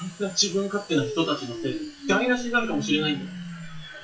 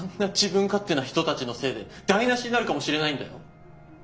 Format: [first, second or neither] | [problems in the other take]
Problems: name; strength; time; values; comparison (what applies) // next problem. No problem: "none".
second | noise reduction (classical method WPE with log-MMSE)